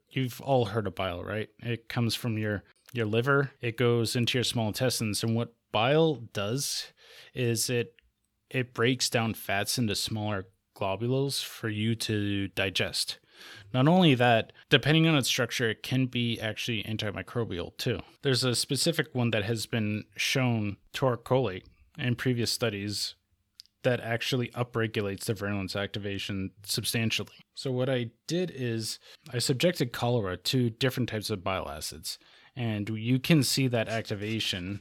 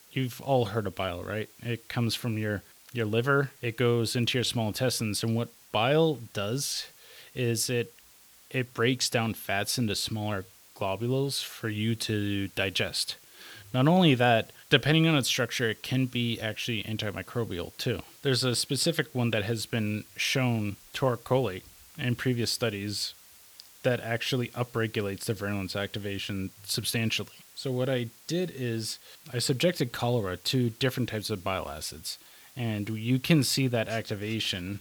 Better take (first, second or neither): first